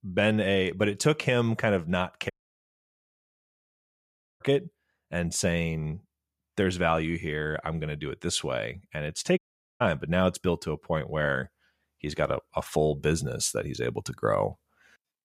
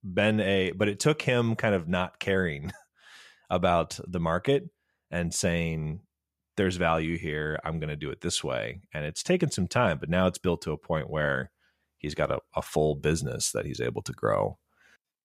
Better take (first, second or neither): second